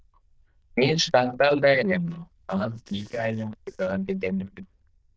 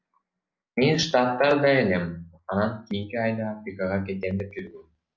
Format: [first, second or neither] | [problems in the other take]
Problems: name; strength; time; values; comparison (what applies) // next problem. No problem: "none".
second | noise reduction (neural diffusion model UNIVERSE++)